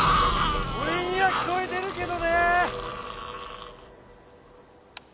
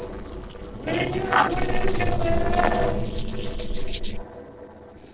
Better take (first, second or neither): first